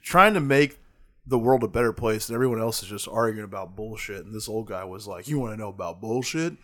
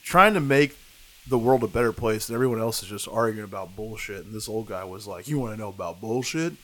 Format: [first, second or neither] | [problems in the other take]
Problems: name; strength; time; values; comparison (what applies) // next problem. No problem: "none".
first | hiss; faint; throughout; 25 dB below the speech